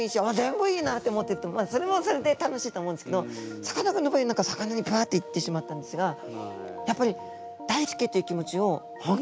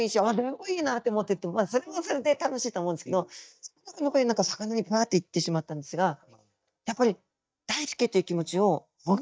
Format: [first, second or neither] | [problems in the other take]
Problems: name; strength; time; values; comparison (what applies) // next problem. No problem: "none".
first | noise reduction (neural mask model DeepFilterNet 3)